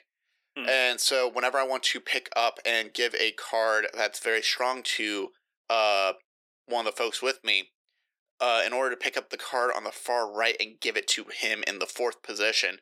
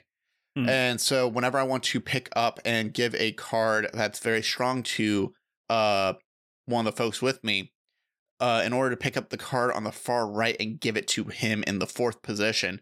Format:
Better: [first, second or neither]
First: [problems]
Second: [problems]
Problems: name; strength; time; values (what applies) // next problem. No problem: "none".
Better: second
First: thin; very; fading below 400 Hz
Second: none